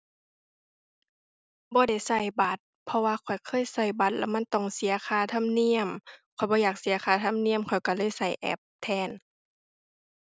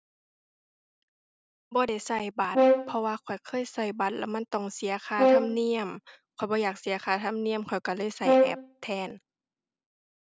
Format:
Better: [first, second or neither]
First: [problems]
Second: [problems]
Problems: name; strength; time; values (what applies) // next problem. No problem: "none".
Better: first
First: none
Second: background sound (Brass instrument); 4 dB above the speech